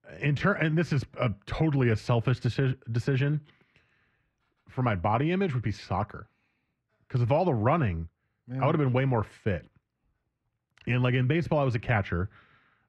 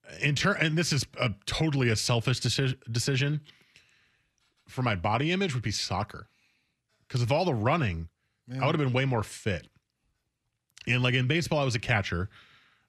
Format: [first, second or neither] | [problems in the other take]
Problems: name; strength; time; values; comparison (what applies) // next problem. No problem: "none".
second | muffled; very; fading above 3 kHz